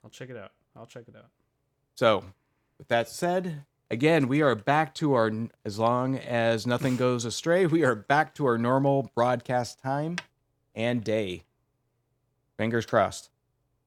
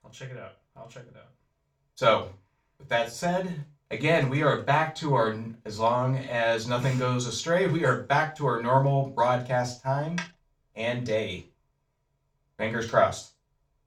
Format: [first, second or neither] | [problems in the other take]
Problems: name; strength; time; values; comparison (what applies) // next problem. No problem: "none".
first | room echo; very slight; dies away in 0.2 s // off-mic speech; far